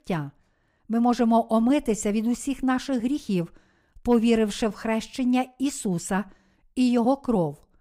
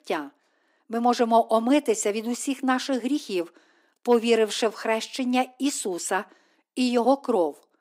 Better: first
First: none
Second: thin; very slightly; fading below 300 Hz

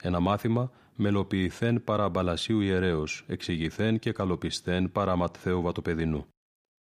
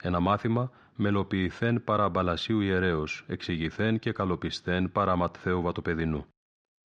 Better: first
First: none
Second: muffled; very slightly; fading above 5 kHz

